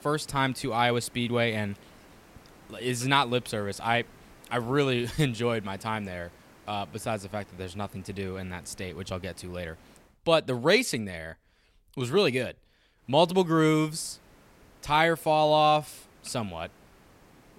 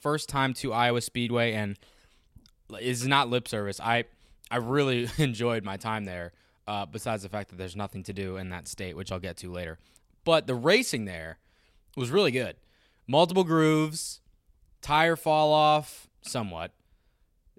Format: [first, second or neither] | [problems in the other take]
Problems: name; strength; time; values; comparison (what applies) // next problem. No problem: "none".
second | hiss; faint; until 10 s and from 13 s on; 25 dB below the speech